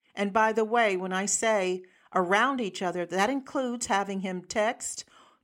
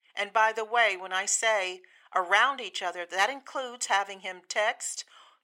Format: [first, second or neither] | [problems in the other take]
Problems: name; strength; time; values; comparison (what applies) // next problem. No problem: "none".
first | thin; very; fading below 750 Hz